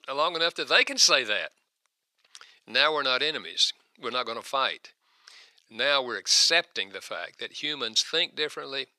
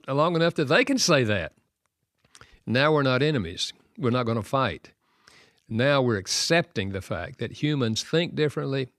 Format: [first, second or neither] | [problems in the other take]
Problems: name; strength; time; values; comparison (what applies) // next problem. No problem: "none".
second | thin; very; fading below 600 Hz